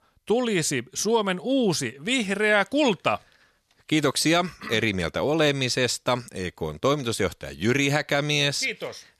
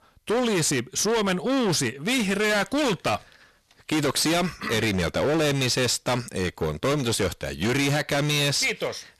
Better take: first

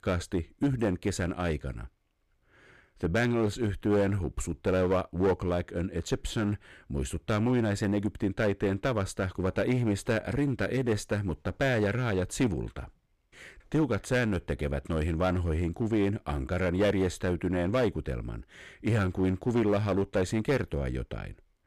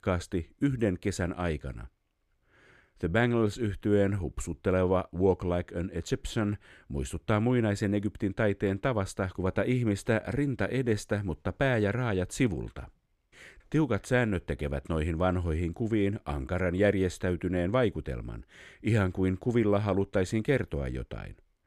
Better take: second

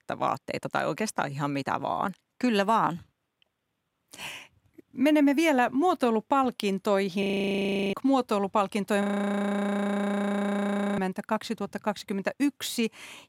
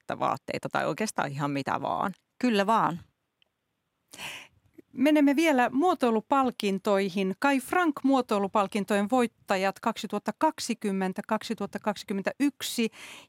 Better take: second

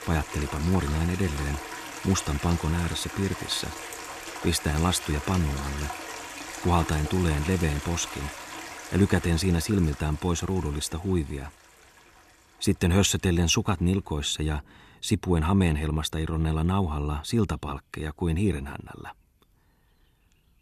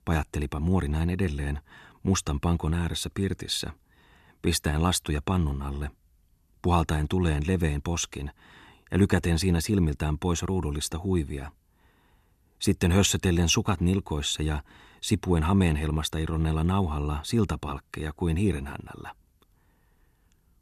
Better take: second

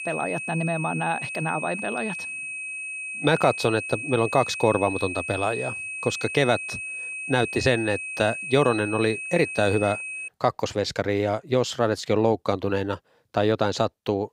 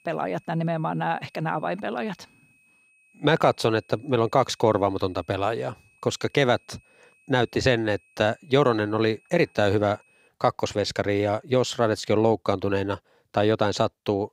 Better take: second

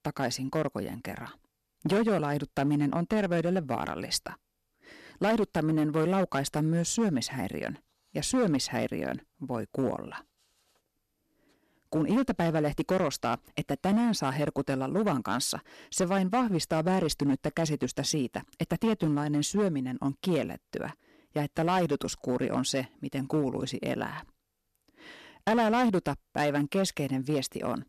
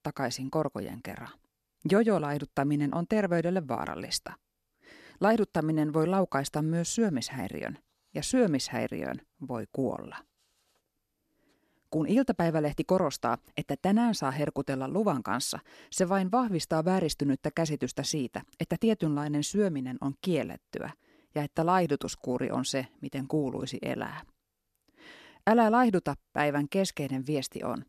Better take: second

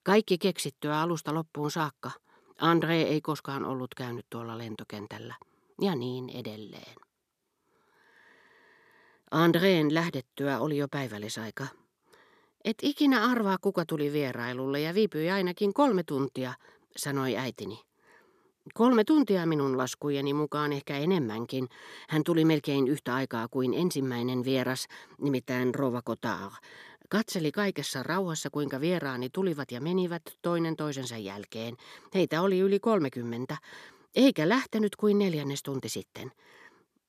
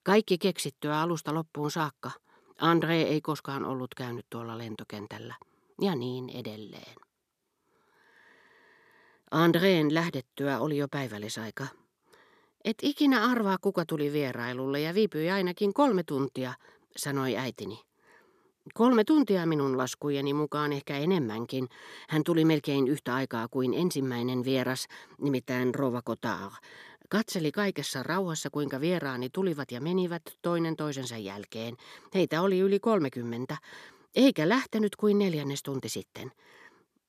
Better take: neither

